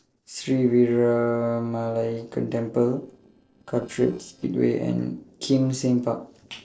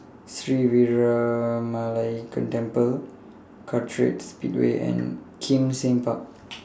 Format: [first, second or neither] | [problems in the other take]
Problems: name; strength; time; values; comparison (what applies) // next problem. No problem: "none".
second | noise reduction (neural separator model SepFormer DNS4)